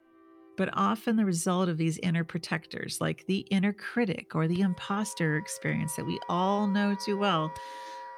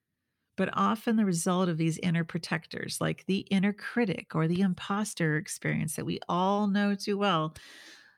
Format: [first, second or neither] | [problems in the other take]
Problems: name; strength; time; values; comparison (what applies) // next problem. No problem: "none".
second | background music; noticeable; throughout; 15 dB below the speech